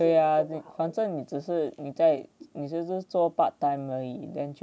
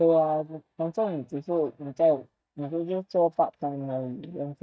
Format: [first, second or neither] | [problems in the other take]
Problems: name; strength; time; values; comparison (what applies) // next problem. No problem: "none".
first | noise reduction (neural mask model DeepFilterNet 3)